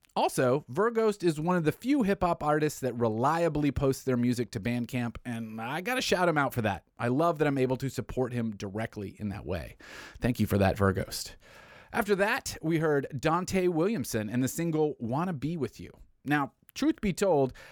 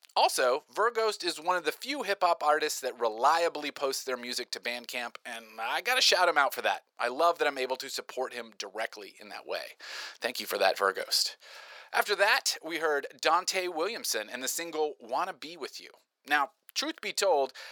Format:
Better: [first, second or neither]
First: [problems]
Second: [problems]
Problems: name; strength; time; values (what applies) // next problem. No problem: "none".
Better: first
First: none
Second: thin; very; fading below 550 Hz